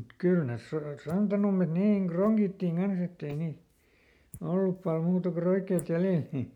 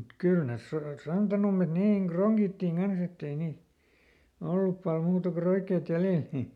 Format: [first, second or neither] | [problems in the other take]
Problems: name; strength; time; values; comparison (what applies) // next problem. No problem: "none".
second | noise reduction (neural mask model Resemble Enhance denoiser)